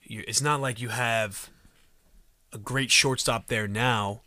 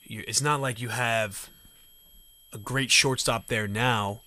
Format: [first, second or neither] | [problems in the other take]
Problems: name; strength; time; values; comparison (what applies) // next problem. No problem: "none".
first | high-pitched whine; faint; throughout; 3 kHz, 30 dB below the speech